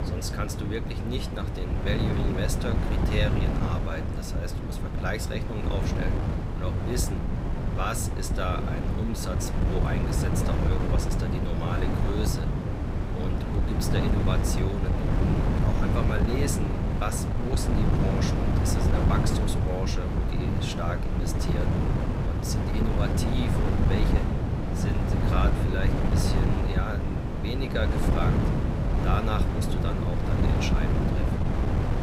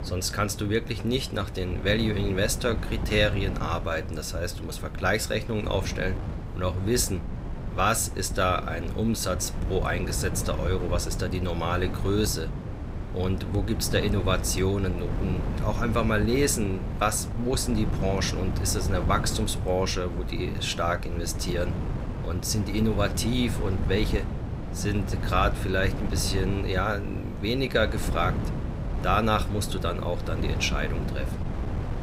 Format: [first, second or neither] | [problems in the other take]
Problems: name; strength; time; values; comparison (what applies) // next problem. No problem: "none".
second | wind noise on the microphone; heavy; 1 dB above the speech; occasional gusts in the second